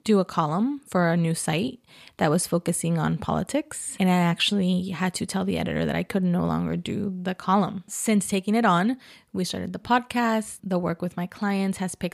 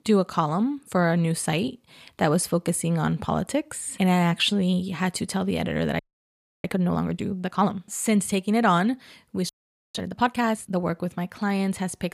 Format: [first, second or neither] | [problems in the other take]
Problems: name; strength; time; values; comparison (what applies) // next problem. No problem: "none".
first | audio freezing; at 6 s for 0.5 s and at 9.5 s